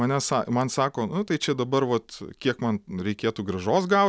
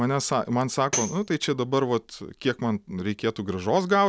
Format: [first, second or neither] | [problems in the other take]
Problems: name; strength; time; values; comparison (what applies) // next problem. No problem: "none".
first | background sound (Tambourine); 10 dB below the speech